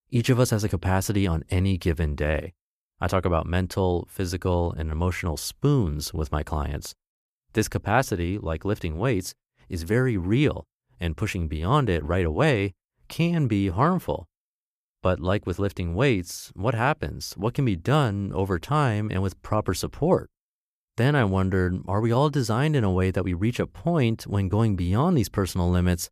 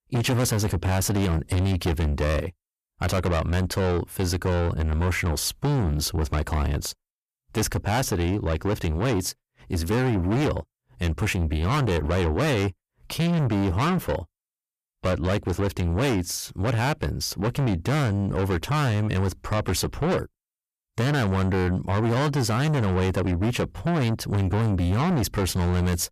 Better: first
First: none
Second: distortion; heavy; 6 dB below the speech

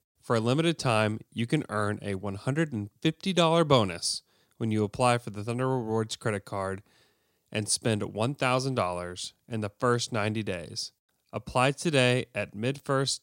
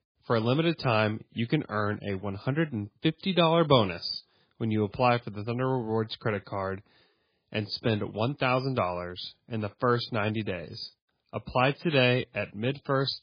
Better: first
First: none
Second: garbled, watery; badly; nothing above 4.5 kHz

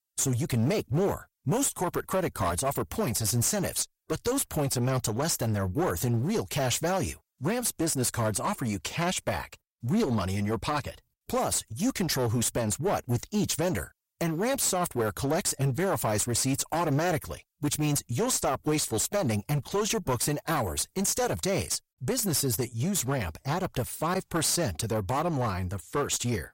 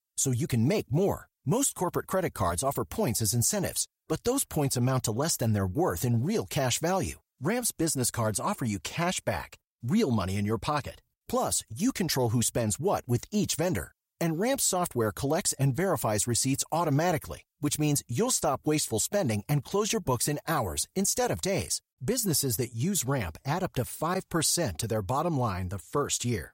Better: second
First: distortion; slight; 12% of the sound clipped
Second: none

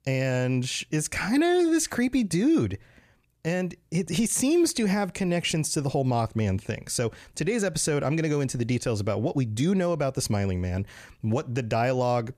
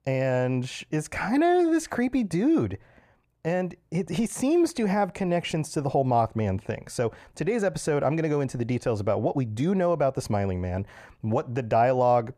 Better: first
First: none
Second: muffled; slightly; fading above 3 kHz

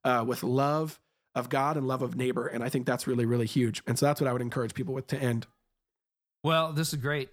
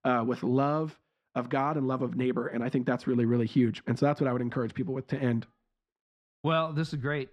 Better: first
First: none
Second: muffled; slightly; fading above 3 kHz

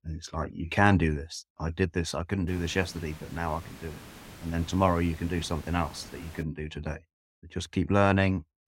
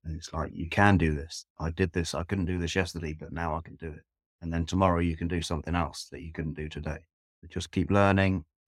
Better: second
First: hiss; noticeable; from 2.5 to 6.5 s; 20 dB below the speech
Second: none

